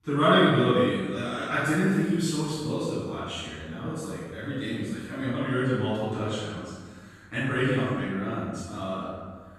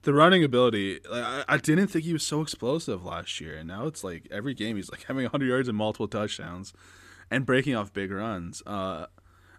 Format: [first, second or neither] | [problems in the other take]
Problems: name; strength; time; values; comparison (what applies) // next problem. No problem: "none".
second | off-mic speech; far // room echo; strong; dies away in 1.3 s